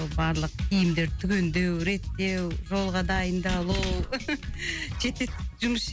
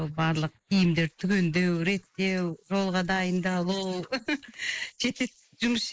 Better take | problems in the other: first | noise reduction (neural mask model Resemble Enhance denoiser)

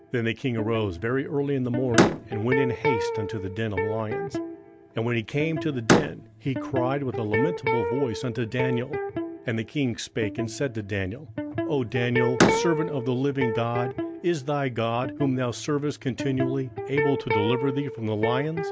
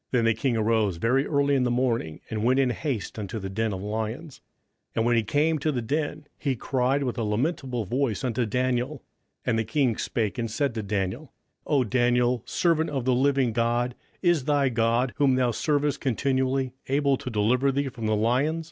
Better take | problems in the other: second | background sound (Electric guitar + Slam); 1 dB below the speech

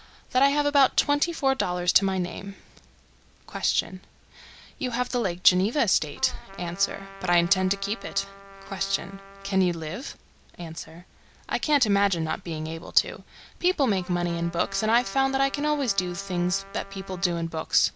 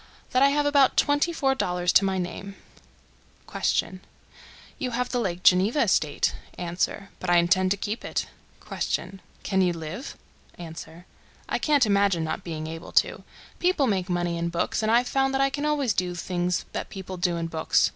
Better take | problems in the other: second | background sound (Trumpet); 18 dB below the speech

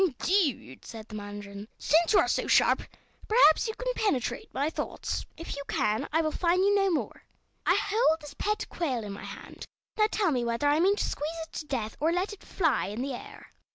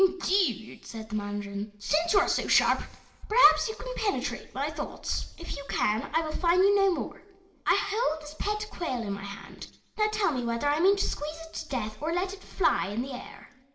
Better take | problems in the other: first | room echo; dies away in 1.5 s

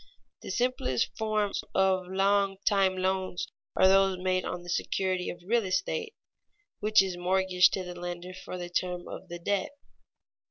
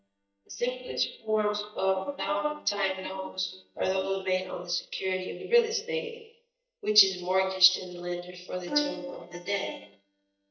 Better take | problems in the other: first | noise reduction (neural mask model DeepFilterNet 3)

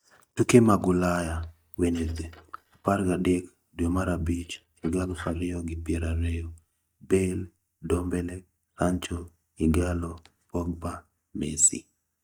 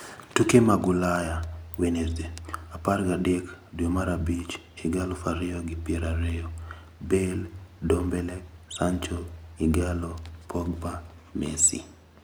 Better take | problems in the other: second | noise reduction (neural mask model DeepFilterNet 3)

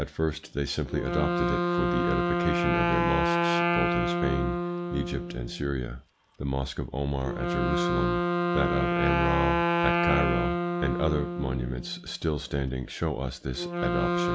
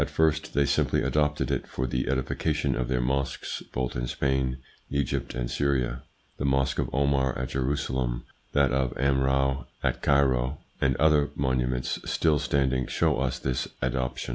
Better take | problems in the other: second | background sound (Wind instrument, woodwind instrument); 2 dB above the speech

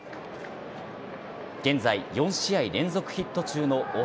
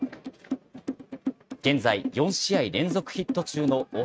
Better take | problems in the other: first | noise reduction (neural mask model RNNoise)

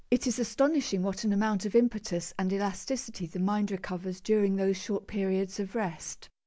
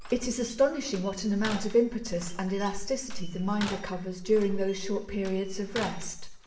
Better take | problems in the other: first | background sound (Slam); 16 dB below the speech // room echo; dies away in 0.7 s

